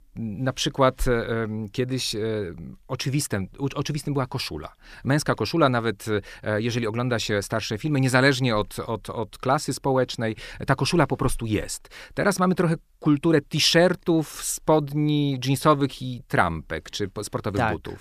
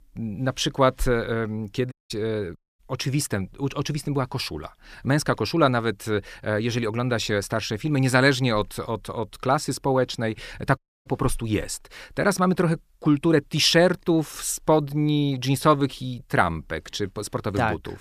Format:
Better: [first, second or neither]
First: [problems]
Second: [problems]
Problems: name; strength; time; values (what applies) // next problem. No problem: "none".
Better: first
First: none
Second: audio cutting out; at 2 s, at 2.5 s and at 11 s